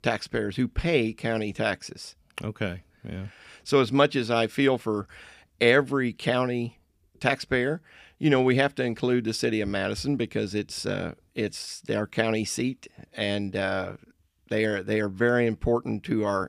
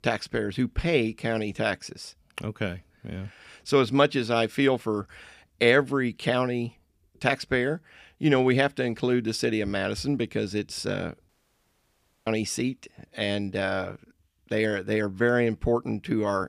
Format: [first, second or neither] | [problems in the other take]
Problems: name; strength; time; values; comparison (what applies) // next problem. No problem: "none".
first | audio cutting out; at 11 s for 1 s